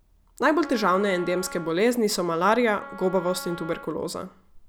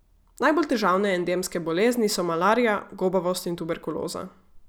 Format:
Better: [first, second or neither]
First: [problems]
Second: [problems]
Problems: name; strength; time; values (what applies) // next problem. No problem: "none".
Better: second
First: background sound (Wind instrument, woodwind instrument); 17 dB below the speech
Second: none